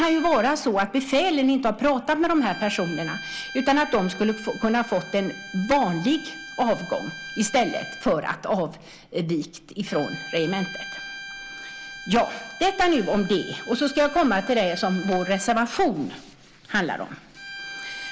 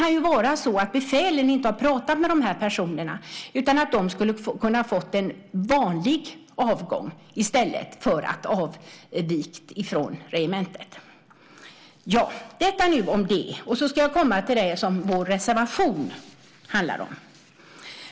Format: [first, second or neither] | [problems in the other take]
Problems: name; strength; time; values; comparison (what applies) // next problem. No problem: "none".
second | background sound (Bowed string instrument); 15 dB below the speech